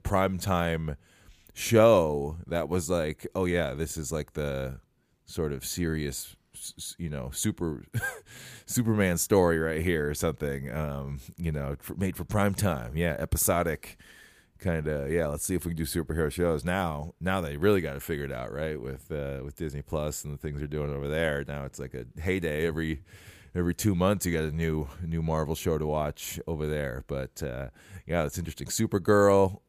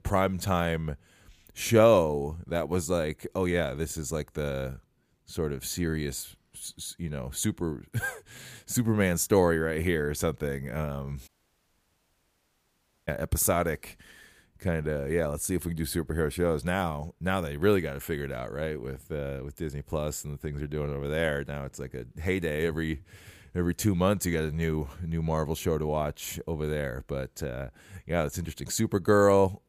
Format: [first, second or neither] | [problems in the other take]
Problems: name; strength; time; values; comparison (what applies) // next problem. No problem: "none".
first | audio cutting out; at 11 s for 2 s